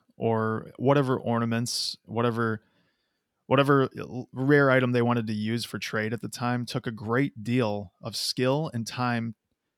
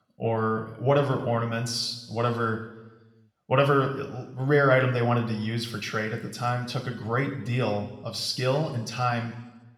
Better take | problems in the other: first | room echo; slight; dies away in 1 s // off-mic speech; somewhat distant

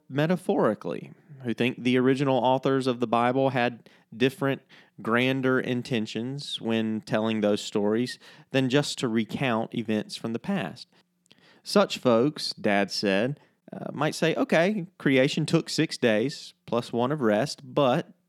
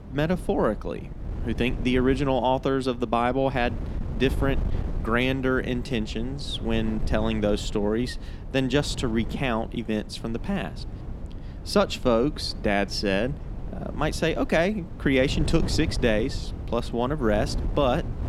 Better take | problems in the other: first | wind noise on the microphone; occasional gusts; 15 dB below the speech

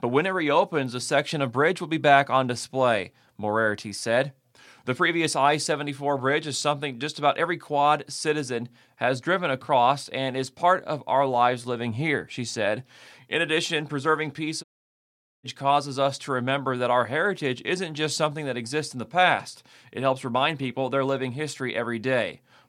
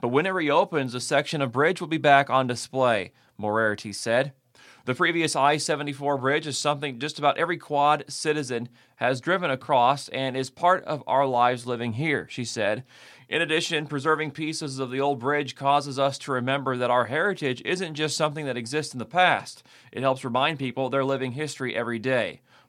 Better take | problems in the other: second | audio cutting out; at 15 s for 1 s

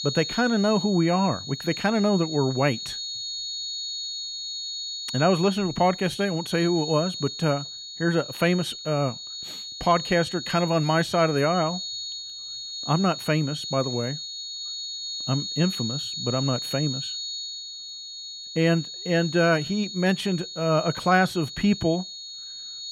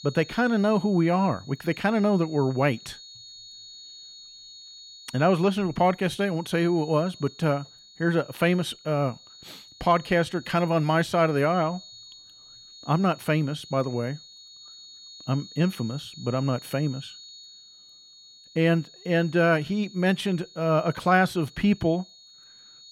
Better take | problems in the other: second | high-pitched whine; loud; throughout; 4.5 kHz, 7 dB below the speech; faint in the second

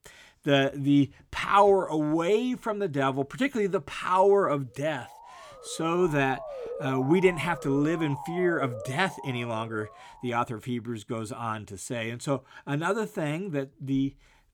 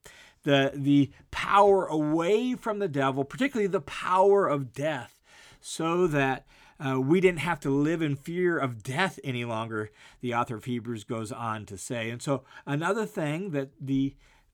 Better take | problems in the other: second | siren; noticeable; from 5 to 10 s; peak 9 dB below the speech

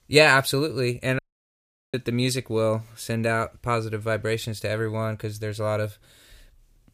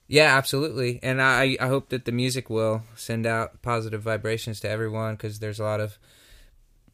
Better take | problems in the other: second | audio cutting out; at 1 s for 1 s

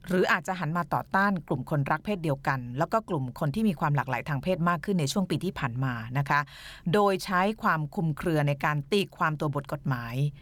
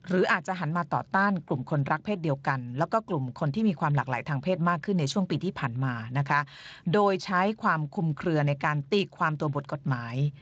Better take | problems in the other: first | garbled, watery; slightly; nothing above 7.5 kHz

